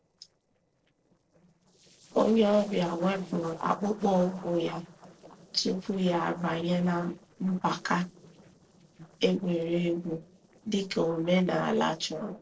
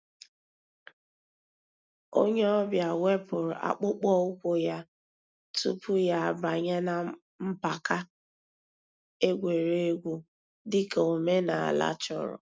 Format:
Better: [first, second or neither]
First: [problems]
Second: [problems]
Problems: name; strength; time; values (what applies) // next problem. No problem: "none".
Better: second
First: noise reduction (neural separator model SepFormer DNS4)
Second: none